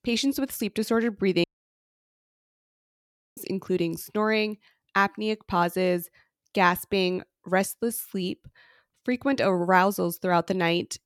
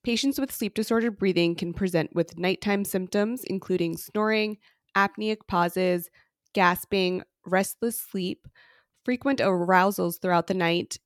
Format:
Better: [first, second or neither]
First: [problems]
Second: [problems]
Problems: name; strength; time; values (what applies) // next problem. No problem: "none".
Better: second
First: audio cutting out; at 1.5 s for 2 s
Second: none